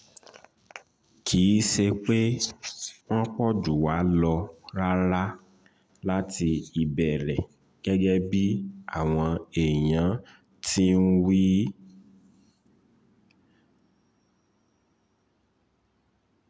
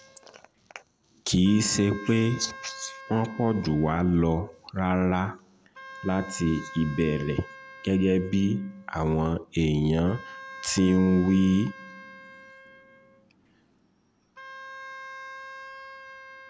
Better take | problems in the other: first | background sound (Wind instrument, woodwind instrument); 18 dB below the speech

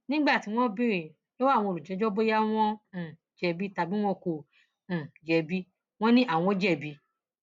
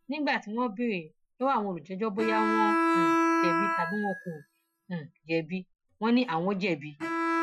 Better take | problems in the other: first | noise reduction (classical method Wiener filter)

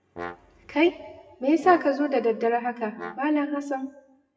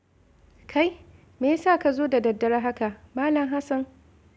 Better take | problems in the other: second | noise reduction (classical method WPE with log-MMSE)

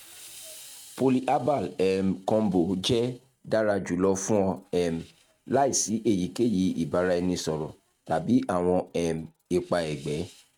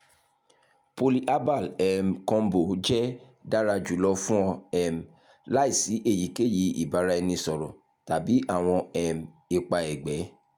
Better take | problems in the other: second | noise reduction (neural mask model RNNoise)

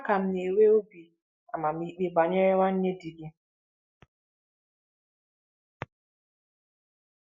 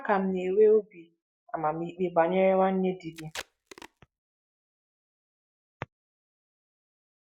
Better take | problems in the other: first | background sound (Packing tape, duct tape); 16 dB below the speech

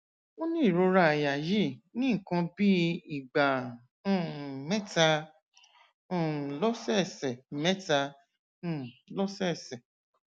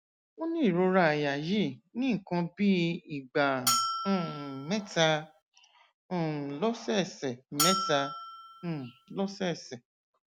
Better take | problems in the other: first | background sound (Bell); 3 dB below the speech

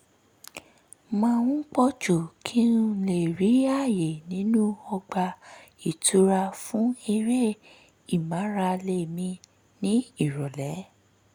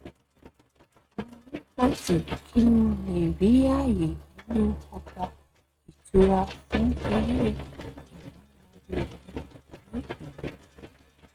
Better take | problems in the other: first | noise reduction (neural mask model RNNoise)

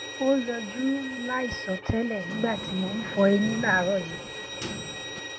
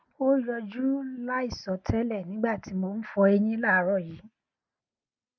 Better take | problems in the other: second | background sound (Sliding door + Bowed string instrument); 8 dB below the speech

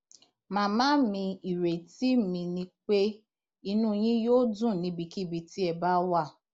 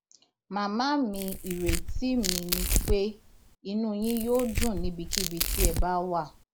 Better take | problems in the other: first | background sound (Tearing); 1 dB above the speech

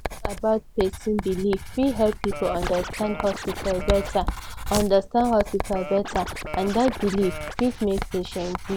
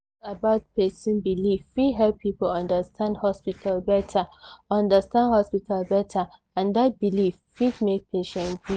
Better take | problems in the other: second | background sound (Scratching (performance technique) + Writing); 7 dB below the speech

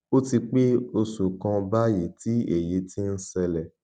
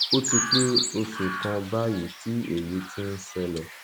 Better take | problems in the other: first | background sound (Chirp, tweet); 2 dB below the speech

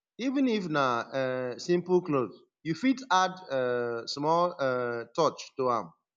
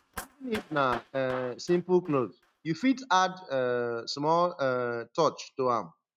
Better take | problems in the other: first | noise reduction (neural mask model RNNoise)

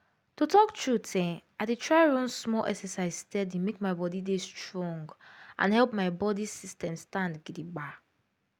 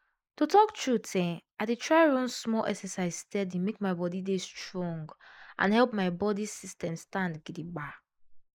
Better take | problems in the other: first | noise reduction (neural mask model Resemble Enhance denoiser)

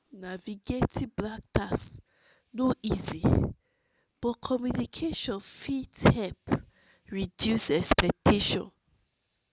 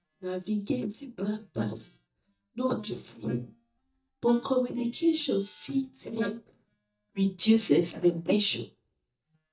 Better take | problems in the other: first | noise reduction (neural mask model DeepFilterNet 3)

